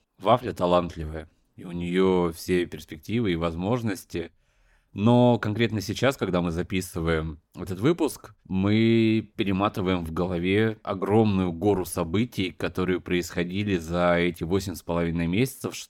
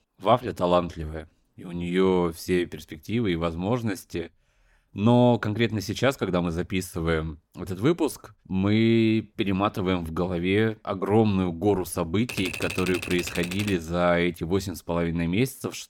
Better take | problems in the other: first | keyboard typing; noticeable; from 12 to 14 s; peak 6 dB below the speech

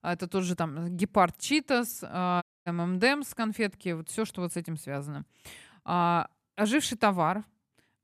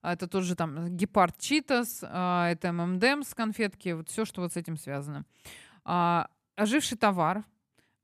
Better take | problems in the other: second | audio cutting out; at 2.5 s

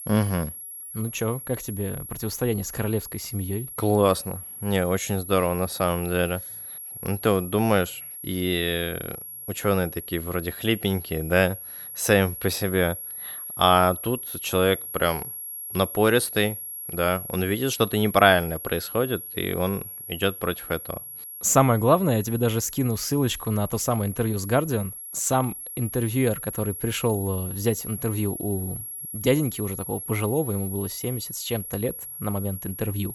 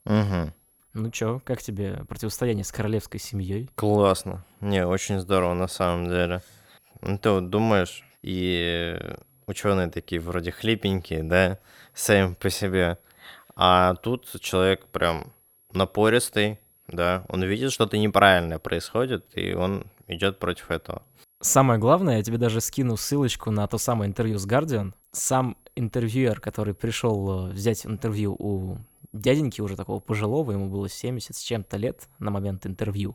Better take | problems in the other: second | high-pitched whine; loud; throughout; 11.5 kHz, 9 dB below the speech; faint in the second

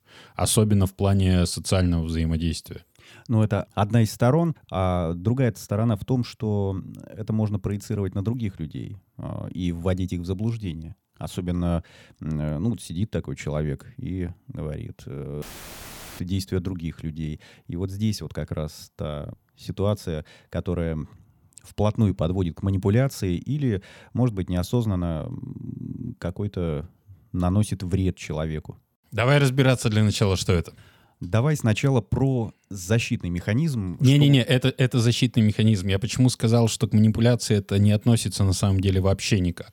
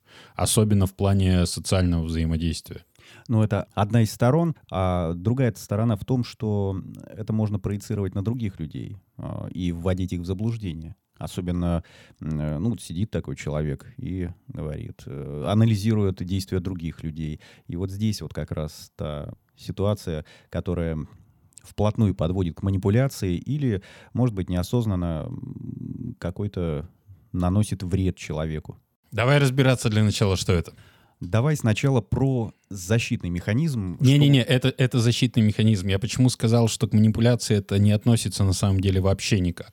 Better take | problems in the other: second | audio cutting out; filled with static; at 15 s for 1 s

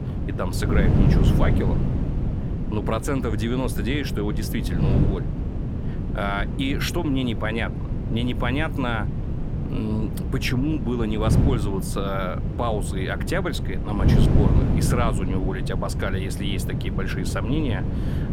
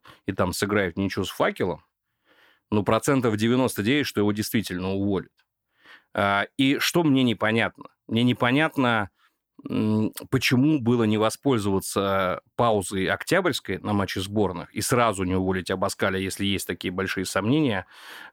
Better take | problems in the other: second | wind noise on the microphone; heavy; 5 dB below the speech

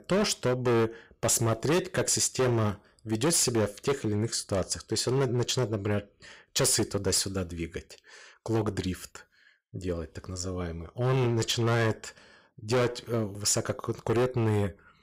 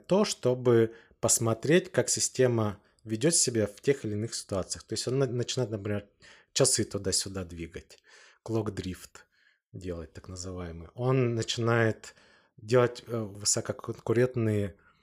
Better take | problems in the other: second | distortion; heavy; 12% of the sound clipped

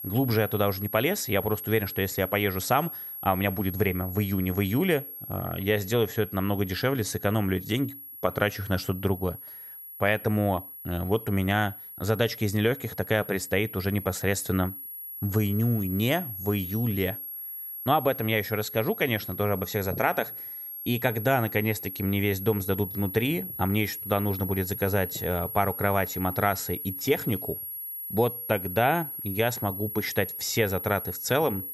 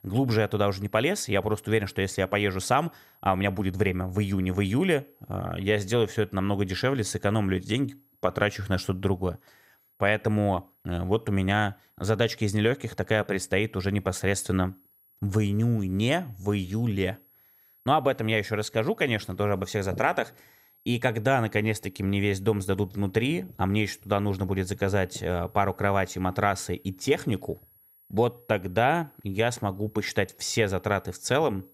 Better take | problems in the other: second | high-pitched whine; loud; throughout; 11.5 kHz, 8 dB below the speech; faint in the second

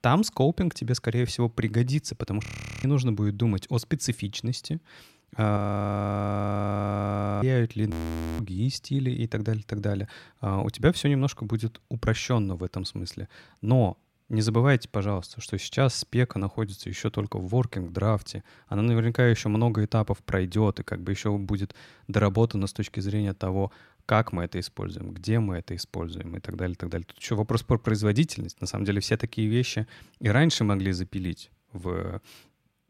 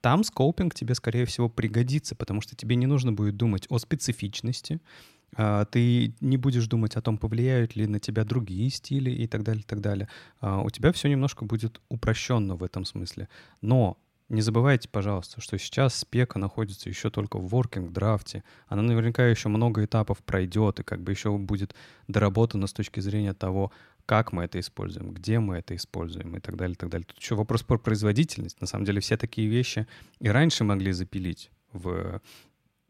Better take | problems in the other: second | audio freezing; at 2.5 s, at 5.5 s for 2 s and at 8 s

